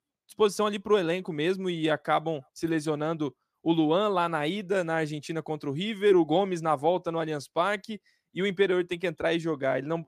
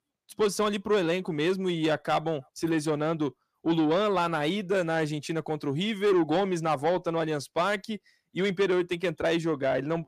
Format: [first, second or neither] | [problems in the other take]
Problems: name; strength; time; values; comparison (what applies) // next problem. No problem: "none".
first | distortion; slight; 10 dB below the speech